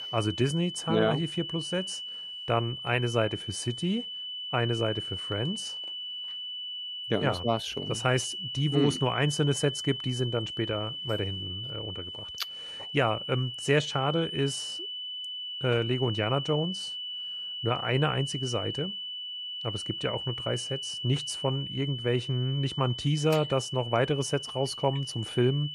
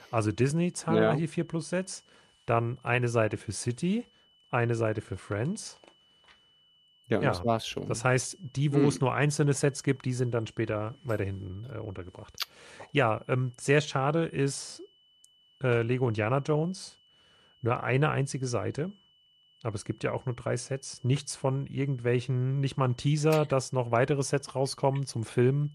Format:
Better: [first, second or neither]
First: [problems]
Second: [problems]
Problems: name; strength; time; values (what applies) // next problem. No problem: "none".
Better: second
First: high-pitched whine; loud; throughout; 3 kHz, 5 dB below the speech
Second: high-pitched whine; faint; throughout; 3 kHz, 35 dB below the speech